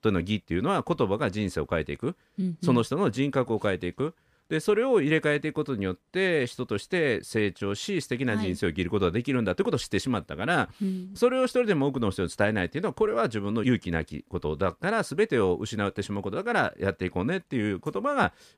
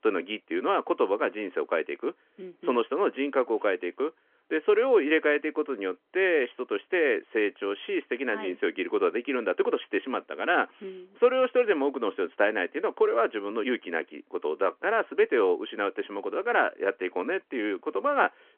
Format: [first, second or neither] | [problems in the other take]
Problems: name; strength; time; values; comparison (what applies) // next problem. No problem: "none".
first | phone-call audio